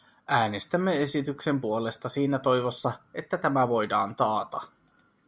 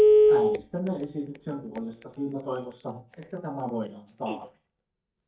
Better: first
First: none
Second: noise reduction (neural mask model DeepFilterNet 3)

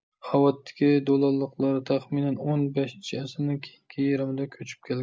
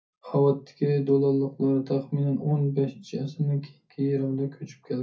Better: first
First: none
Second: room echo; dies away in 0.3 s

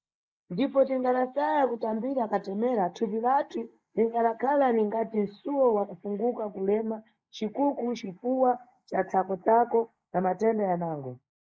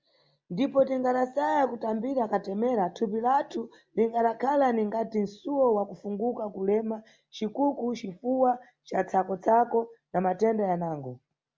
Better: second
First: noise reduction (neural mask model Resemble Enhance denoiser)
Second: none

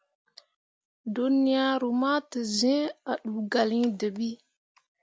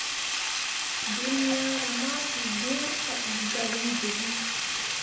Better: first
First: none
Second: background sound (Sink (filling or washing)); 4 dB above the speech // room echo; dies away in 0.8 s

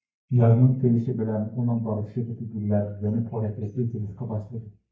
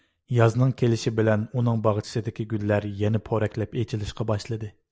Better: second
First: noise reduction (neural mask model DeepFilterNet 3)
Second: none

